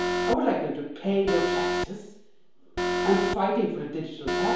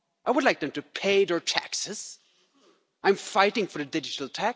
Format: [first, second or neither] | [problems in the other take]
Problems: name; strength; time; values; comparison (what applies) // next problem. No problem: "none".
second | background sound (Alarm); 2 dB below the speech // room echo; dies away in 1 s